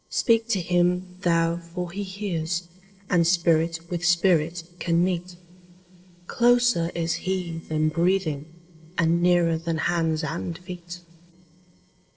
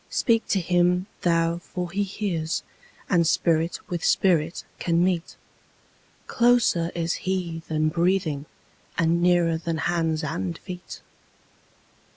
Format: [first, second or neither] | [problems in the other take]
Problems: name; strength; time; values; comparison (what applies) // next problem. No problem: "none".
second | noise reduction (neural separator model SepFormer DNS4)